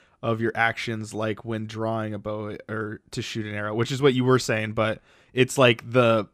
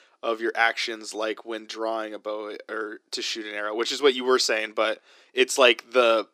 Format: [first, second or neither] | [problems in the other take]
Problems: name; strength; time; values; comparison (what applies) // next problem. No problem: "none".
first | thin; somewhat; fading below 300 Hz